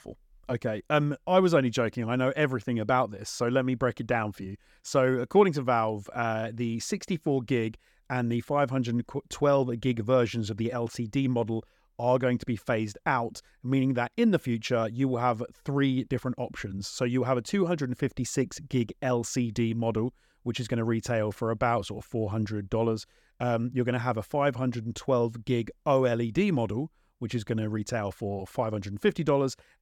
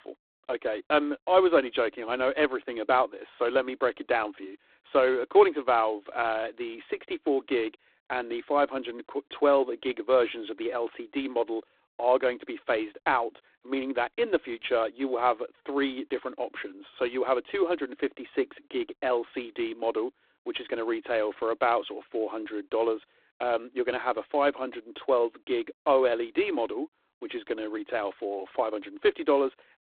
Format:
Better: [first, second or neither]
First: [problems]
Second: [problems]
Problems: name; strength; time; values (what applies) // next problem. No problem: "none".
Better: first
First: none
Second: phone-call audio; poor line; nothing above 3.5 kHz